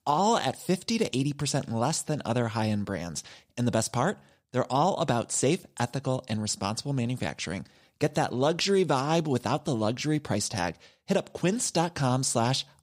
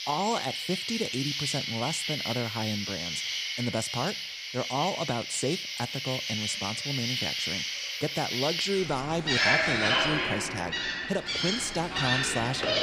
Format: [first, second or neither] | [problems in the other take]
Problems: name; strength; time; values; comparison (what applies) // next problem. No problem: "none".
first | animal sounds; very loud; throughout; 3 dB above the speech